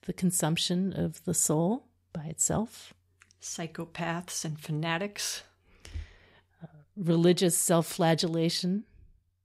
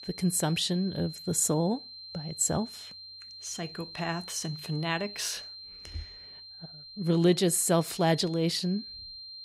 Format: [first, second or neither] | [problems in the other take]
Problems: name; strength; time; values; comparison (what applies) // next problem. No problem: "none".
first | high-pitched whine; noticeable; throughout; 4 kHz, 15 dB below the speech